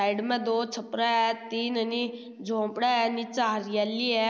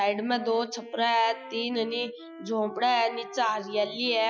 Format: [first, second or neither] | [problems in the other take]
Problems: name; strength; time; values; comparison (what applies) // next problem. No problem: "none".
first | noise reduction (classical method Wiener filter)